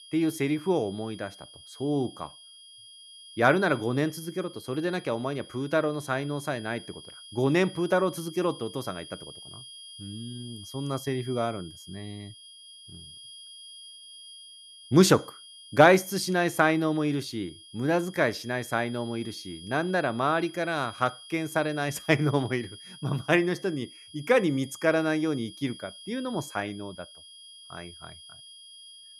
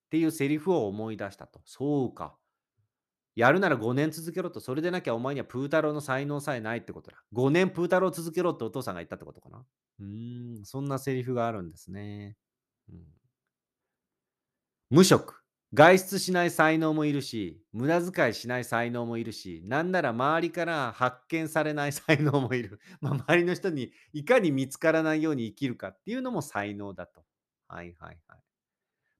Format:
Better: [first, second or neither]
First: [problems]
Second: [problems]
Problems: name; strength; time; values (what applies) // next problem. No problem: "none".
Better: second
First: high-pitched whine; noticeable; throughout; 3.5 kHz, 20 dB below the speech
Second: none